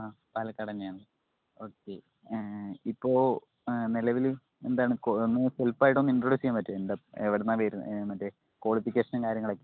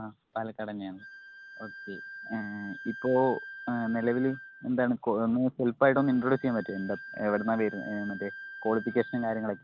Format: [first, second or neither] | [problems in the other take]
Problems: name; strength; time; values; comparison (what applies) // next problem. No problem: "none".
first | background sound (Wind instrument, woodwind instrument); 15 dB below the speech